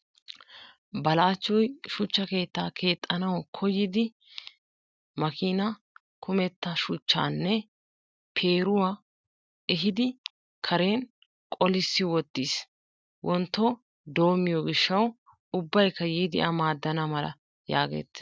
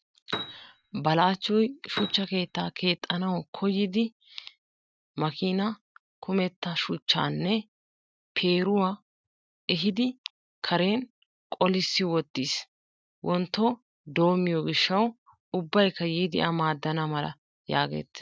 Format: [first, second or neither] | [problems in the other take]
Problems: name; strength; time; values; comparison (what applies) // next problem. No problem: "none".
first | noise reduction (neural mask model RNNoise)